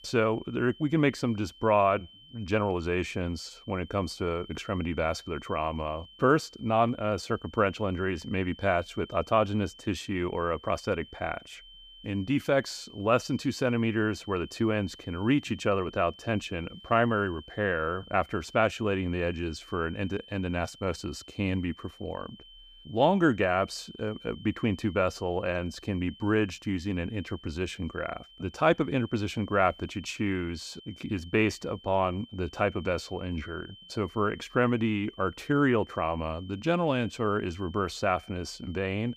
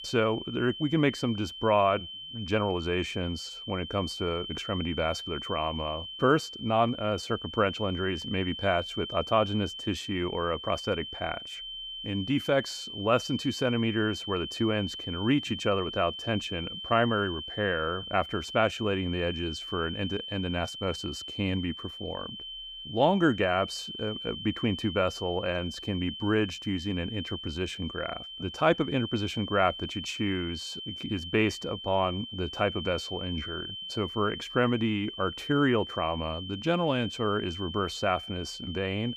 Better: first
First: high-pitched whine; faint; throughout; 3 kHz, 20 dB below the speech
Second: high-pitched whine; loud; throughout; 3 kHz, 8 dB below the speech

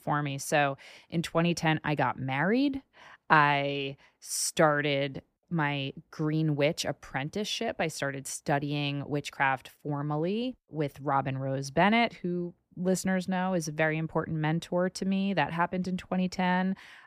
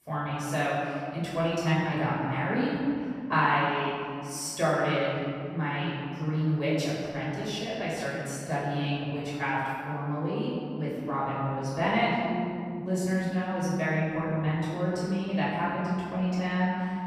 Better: first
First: none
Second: off-mic speech; far // room echo; strong; dies away in 2.3 s

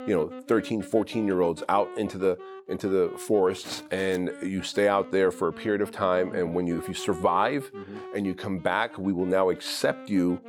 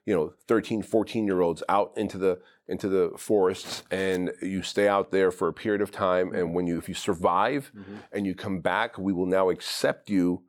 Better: second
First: background music; noticeable; throughout; 15 dB below the speech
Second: none

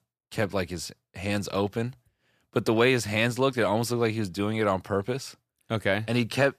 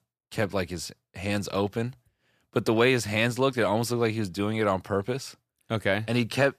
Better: neither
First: none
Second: none

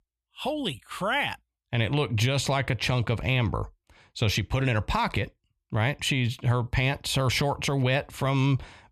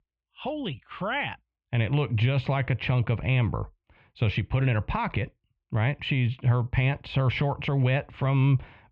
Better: first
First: none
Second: muffled; very; fading above 3 kHz

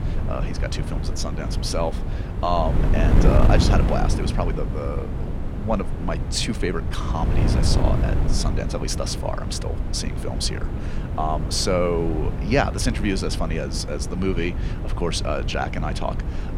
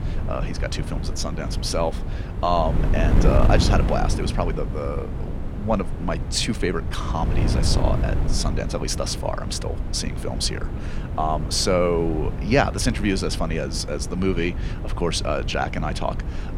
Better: second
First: wind noise on the microphone; heavy; 7 dB below the speech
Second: wind noise on the microphone; occasional gusts; 10 dB below the speech

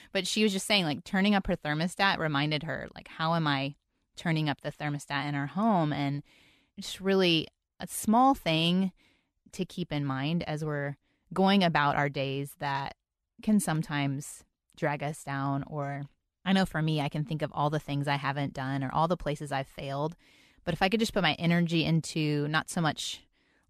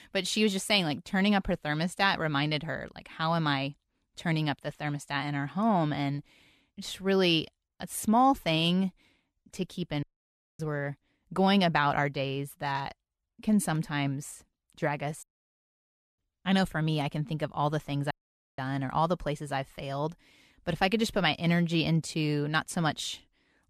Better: first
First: none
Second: audio cutting out; at 10 s for 0.5 s, at 15 s for 1 s and at 18 s

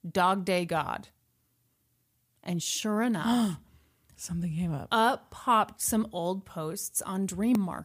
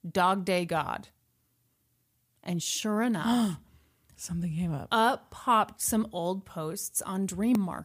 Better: neither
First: none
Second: none

